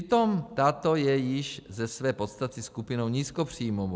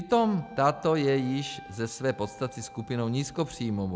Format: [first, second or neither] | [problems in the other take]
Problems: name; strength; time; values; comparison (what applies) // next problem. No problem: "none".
first | background sound (Wind instrument, woodwind instrument); 20 dB below the speech